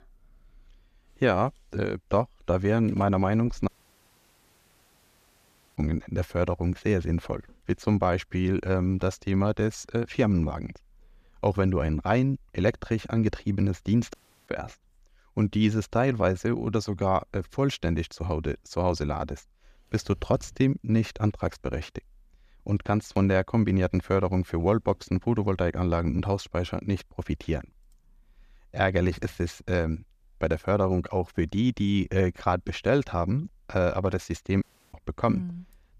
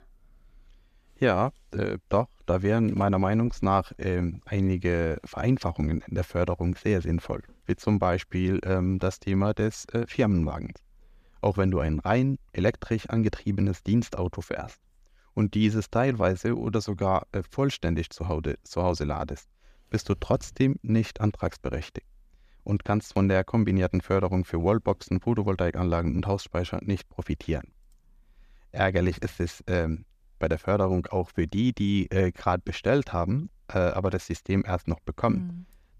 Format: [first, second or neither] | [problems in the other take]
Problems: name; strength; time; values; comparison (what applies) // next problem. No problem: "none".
second | audio cutting out; at 3.5 s for 2 s, at 14 s and at 35 s